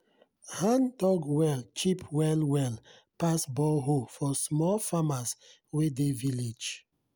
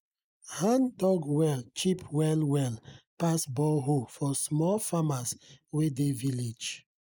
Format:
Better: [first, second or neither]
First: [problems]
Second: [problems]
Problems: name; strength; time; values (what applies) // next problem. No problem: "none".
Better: first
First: none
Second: noise reduction (neural mask model Resemble Enhance denoiser)